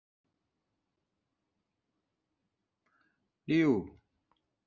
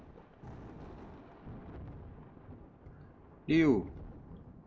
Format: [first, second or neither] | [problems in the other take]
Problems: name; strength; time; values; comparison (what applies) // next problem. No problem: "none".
first | background sound (Thunder); 12 dB below the speech